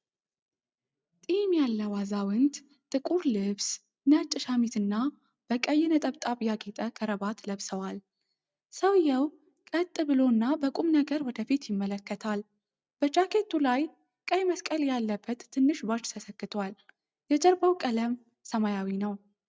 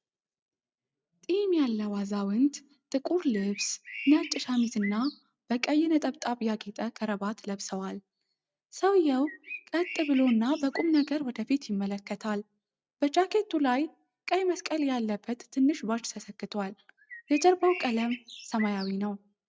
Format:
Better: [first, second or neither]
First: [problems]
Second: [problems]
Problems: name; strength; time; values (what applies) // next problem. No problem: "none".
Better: first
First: none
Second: background sound (Bird); 13 dB below the speech